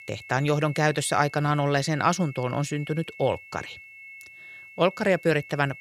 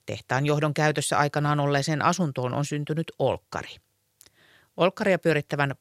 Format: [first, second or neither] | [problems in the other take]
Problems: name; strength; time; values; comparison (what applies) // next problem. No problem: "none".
second | high-pitched whine; noticeable; throughout; 2 kHz, 20 dB below the speech